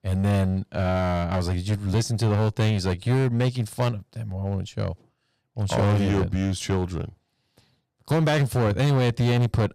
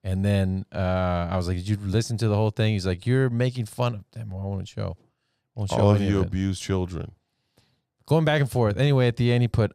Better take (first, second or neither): second